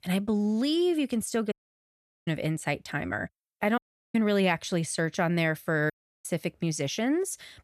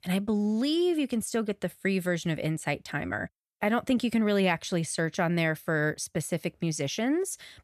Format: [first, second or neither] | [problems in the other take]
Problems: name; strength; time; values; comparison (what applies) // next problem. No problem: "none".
second | audio cutting out; at 1.5 s for 1 s, at 4 s and at 6 s